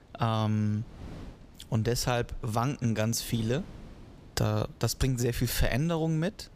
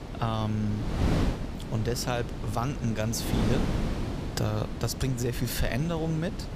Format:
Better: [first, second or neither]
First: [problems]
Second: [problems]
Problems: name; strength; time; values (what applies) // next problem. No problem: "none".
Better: first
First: wind noise on the microphone; occasional gusts; 25 dB below the speech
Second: wind noise on the microphone; heavy; 5 dB below the speech